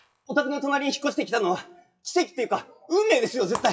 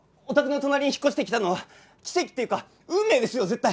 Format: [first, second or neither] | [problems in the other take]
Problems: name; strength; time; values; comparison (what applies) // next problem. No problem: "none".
second | noise reduction (classical method WPE with log-MMSE)